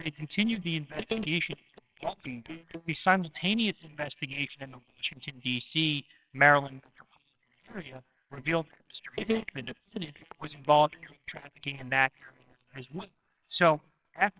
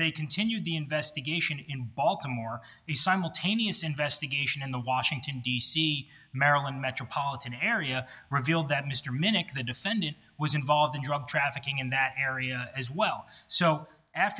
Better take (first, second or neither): second